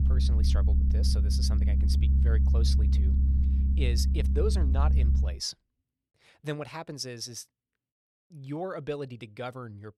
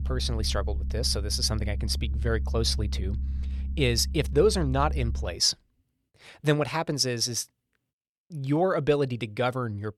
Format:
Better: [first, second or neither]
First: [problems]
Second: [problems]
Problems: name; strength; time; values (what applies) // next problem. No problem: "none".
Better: second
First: low rumble; loud; until 5.5 s; 5 dB below the speech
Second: low rumble; faint; until 5.5 s; 20 dB below the speech